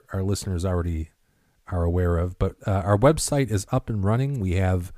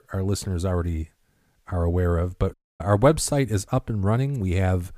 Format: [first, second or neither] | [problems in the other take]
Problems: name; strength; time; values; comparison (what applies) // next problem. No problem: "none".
first | audio cutting out; at 2.5 s